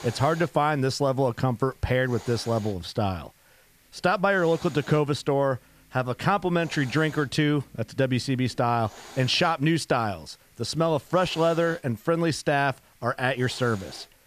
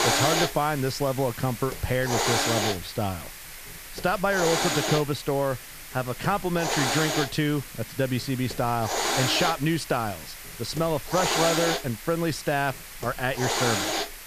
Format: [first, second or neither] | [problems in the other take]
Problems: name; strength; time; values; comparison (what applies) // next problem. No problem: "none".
first | hiss; loud; throughout; 1 dB below the speech; faint in the first